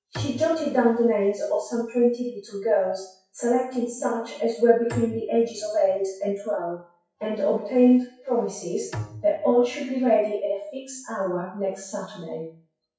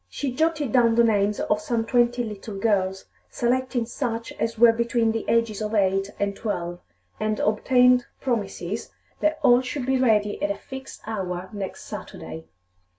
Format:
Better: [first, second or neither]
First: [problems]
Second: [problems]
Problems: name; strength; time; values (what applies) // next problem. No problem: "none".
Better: second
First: noise reduction (classical method WPE with log-MMSE)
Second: none